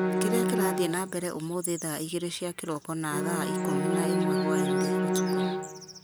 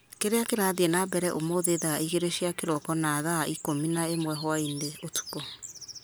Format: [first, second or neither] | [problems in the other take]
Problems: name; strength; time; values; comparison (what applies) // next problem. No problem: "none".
second | background sound (Bowed string instrument); 3 dB above the speech